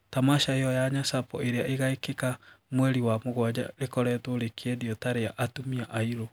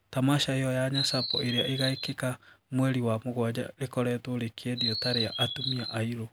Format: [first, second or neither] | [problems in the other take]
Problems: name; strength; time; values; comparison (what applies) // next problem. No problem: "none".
first | background sound (Chirp, tweet); 3 dB below the speech